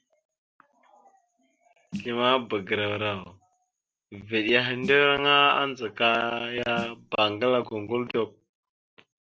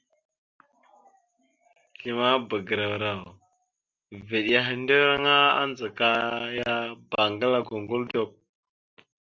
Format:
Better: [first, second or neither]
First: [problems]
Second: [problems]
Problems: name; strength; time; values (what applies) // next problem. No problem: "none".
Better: second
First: background sound (Snare drum); 18 dB below the speech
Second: none